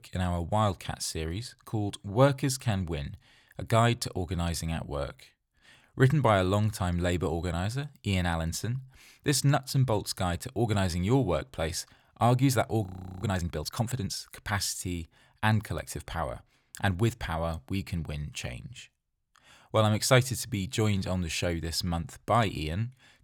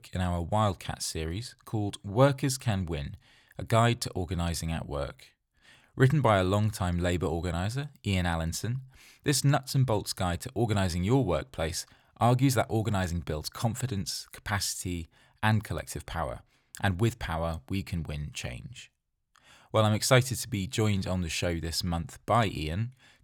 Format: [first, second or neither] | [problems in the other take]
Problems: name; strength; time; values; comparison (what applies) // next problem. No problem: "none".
second | audio freezing; at 13 s